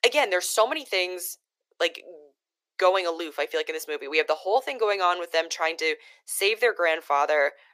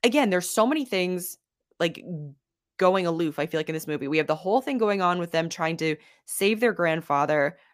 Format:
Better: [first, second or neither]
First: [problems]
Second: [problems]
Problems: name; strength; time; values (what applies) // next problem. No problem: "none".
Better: second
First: thin; very; fading below 400 Hz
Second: none